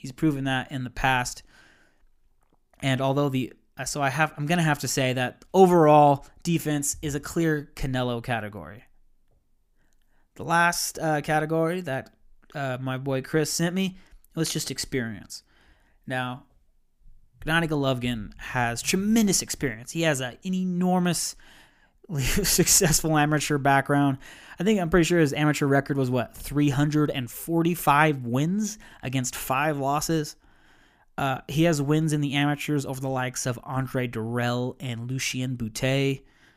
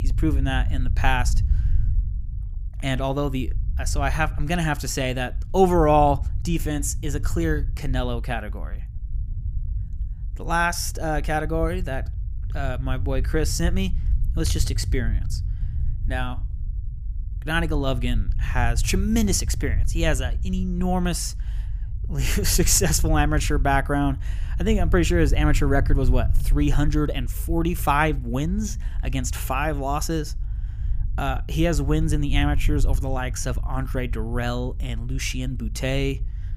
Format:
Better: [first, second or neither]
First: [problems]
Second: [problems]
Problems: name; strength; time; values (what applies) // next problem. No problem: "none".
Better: first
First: none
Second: low rumble; faint; throughout; 20 dB below the speech